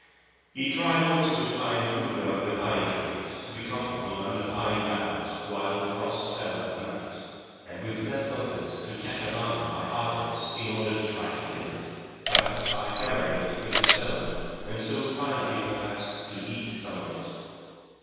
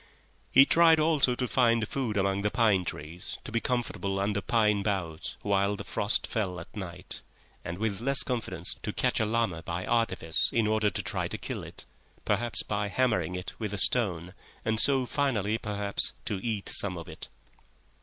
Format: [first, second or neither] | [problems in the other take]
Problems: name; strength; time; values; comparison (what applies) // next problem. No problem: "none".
second | background sound (Camera); 2 dB above the speech // room echo; dies away in 2.2 s